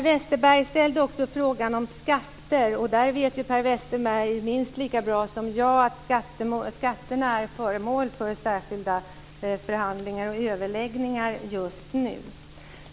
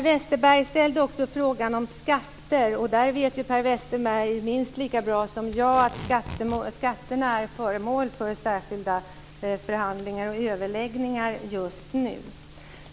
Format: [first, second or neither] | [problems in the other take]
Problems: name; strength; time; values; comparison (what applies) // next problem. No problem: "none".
first | background sound (Packing tape, duct tape); 13 dB below the speech